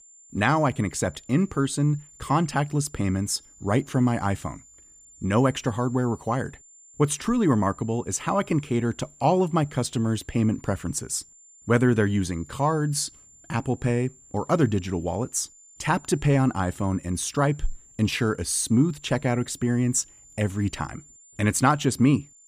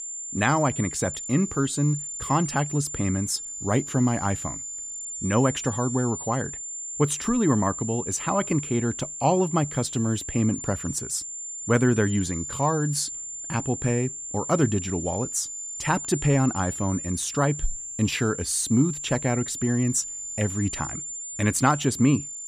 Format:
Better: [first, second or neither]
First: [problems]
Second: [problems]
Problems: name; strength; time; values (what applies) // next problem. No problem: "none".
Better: first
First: high-pitched whine; faint; throughout; 7 kHz, 25 dB below the speech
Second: high-pitched whine; loud; throughout; 7 kHz, 7 dB below the speech